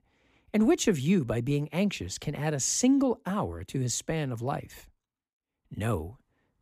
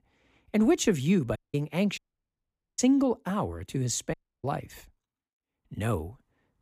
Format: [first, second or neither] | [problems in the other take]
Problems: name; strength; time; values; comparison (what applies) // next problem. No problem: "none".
first | audio cutting out; at 1.5 s, at 2 s for 1 s and at 4 s